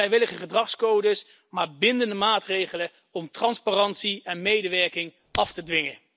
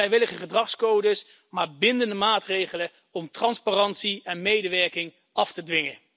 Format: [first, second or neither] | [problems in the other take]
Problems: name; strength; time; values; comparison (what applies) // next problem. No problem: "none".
second | noise reduction (neural mask model Resemble Enhance denoiser)